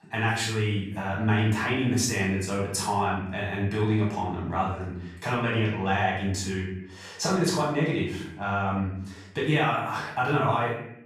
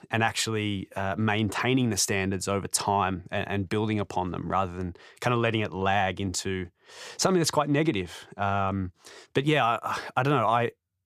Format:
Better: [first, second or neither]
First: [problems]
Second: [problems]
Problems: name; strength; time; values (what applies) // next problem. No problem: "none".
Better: second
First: off-mic speech; far // room echo; noticeable; dies away in 0.7 s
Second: none